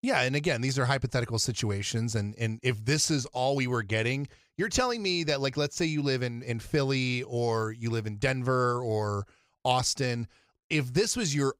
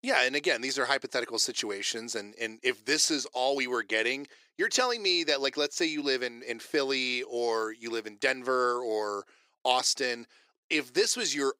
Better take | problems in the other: first | thin; somewhat; fading below 300 Hz

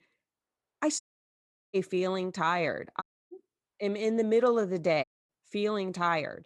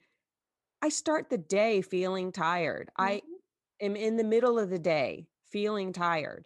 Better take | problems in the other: second | audio cutting out; at 1 s for 0.5 s, at 3 s and at 5 s

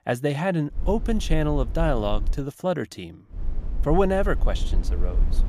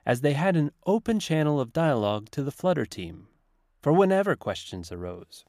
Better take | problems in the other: second | low rumble; faint; from 1 to 2.5 s and from 3.5 s on; 20 dB below the speech

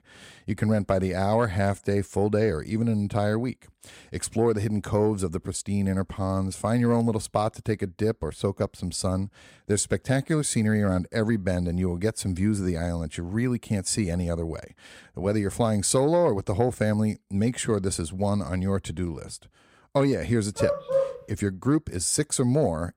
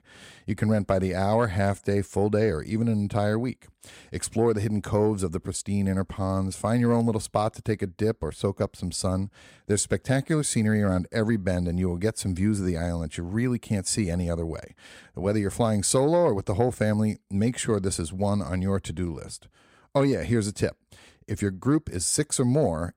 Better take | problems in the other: second | dog barking; loud; at 21 s; peak level with the speech

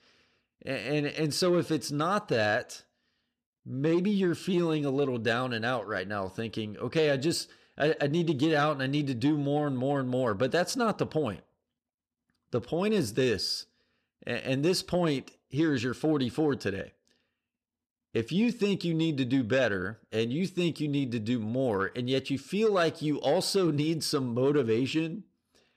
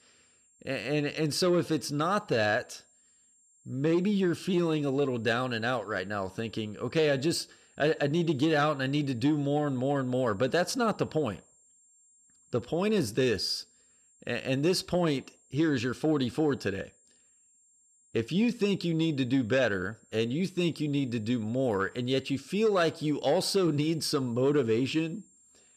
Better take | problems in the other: first | high-pitched whine; faint; throughout; 7.5 kHz, 30 dB below the speech

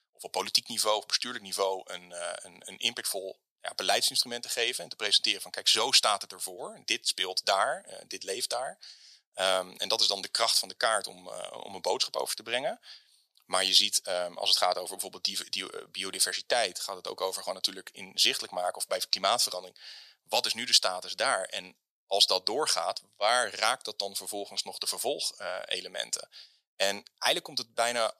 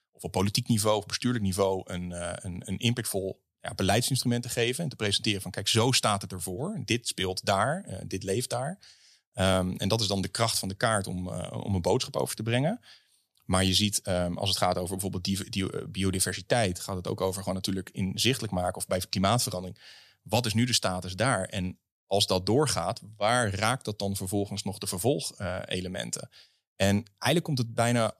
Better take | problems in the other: second | thin; very; fading below 650 Hz

